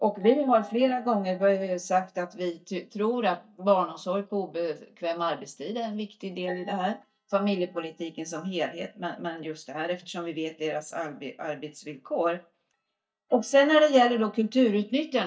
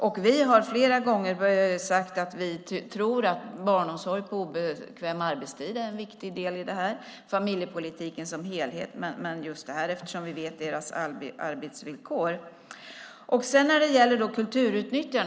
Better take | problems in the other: second | noise reduction (neural mask model DeepFilterNet 3)

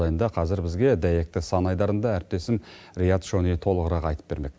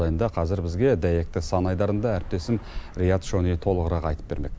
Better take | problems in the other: first | background sound (Traffic noise, roadway noise / Bus); 12 dB below the speech

